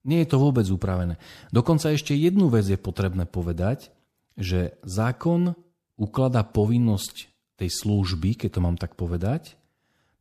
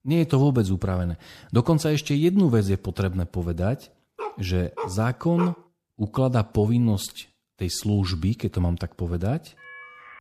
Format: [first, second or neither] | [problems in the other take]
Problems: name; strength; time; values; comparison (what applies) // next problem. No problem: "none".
first | dog barking; noticeable; from 4 to 5.5 s; peak 10 dB below the speech // phone ringing; faint; at 9.5 s; peak 20 dB below the speech